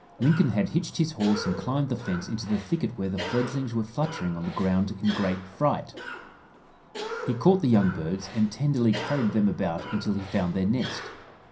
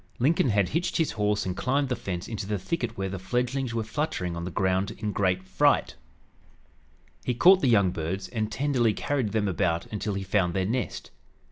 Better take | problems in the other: second | background sound (Cough); 13 dB below the speech // room echo; dies away in 0.3 s

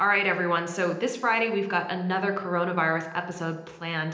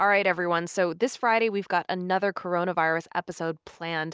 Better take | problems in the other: second | room echo; dies away in 0.9 s

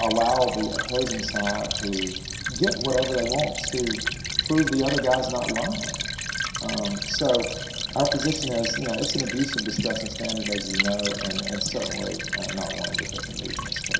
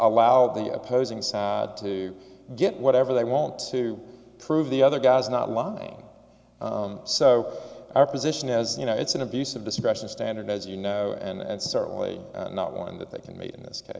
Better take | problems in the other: second | background sound (Stream / Trickle, dribble); 3 dB below the speech // room echo; dies away in 0.7 s

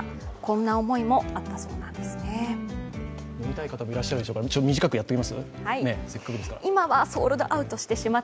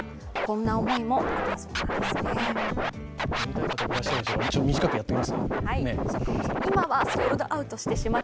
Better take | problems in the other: first | background sound (Scratching (performance technique)); 1 dB above the speech

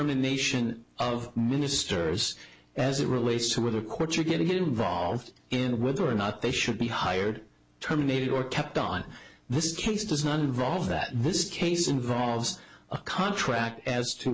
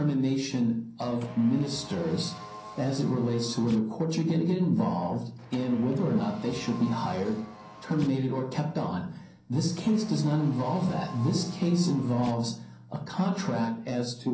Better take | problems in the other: first | background sound (Car); 17 dB below the speech // room echo; dies away in 0.6 s

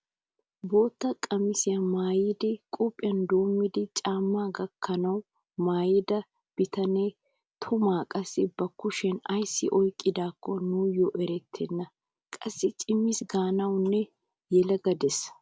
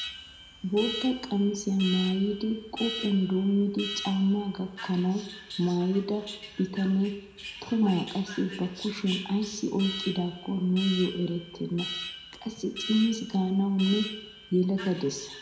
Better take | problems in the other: first | background sound (Alarm); 12 dB below the speech // room echo; dies away in 0.7 s

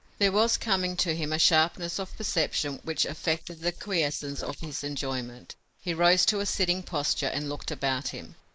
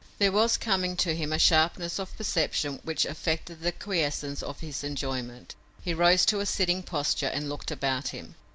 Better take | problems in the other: second | noise reduction (neural mask model Resemble Enhance denoiser)

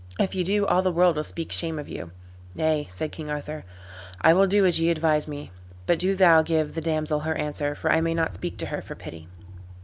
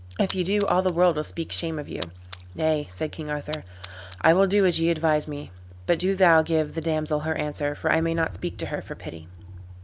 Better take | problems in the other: first | background sound (Splash, splatter); 20 dB below the speech

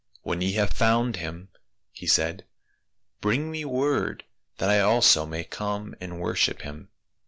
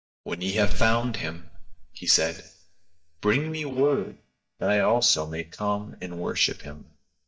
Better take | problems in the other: first | noise reduction (neural mask model DeepFilterNet 3)

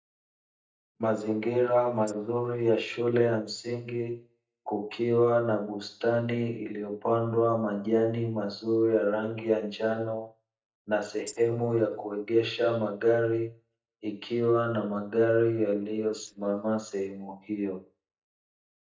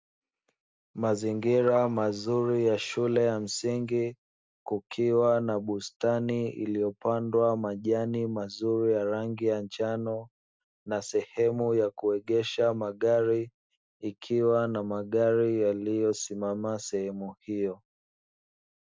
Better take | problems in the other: second | noise reduction (neural mask model DeepFilterNet 3)

